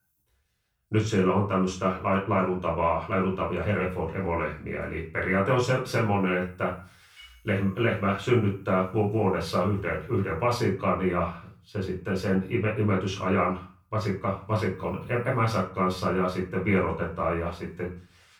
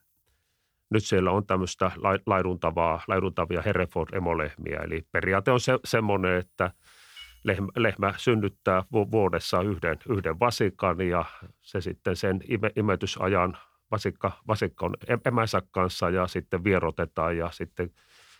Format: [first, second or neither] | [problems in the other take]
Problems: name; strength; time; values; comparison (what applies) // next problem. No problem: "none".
second | room echo; slight; dies away in 0.3 s // off-mic speech; far